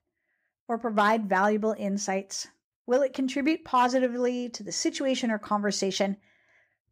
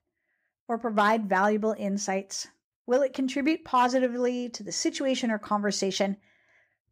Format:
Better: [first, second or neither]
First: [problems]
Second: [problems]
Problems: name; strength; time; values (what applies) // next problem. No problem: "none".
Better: neither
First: none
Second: none